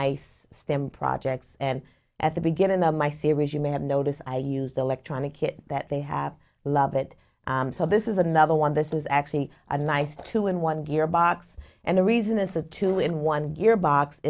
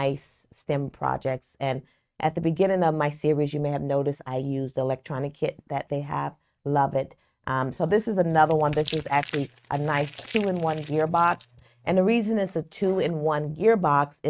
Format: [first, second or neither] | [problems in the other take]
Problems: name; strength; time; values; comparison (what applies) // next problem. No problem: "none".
first | noise reduction (neural mask model RNNoise)